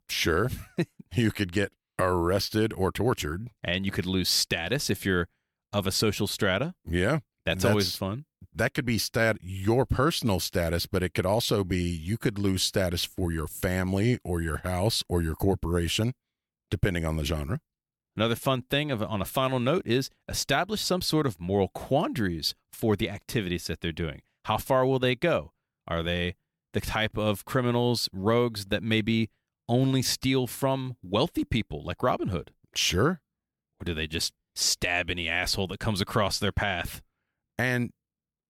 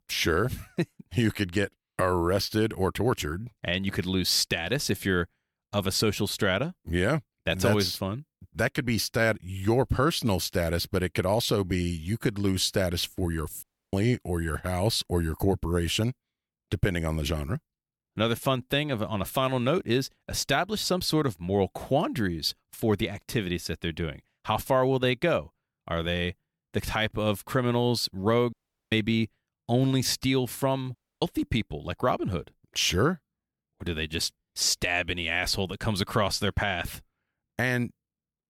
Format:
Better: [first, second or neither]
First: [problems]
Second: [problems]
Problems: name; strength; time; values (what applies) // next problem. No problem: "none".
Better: first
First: none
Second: audio cutting out; at 14 s, at 29 s and at 31 s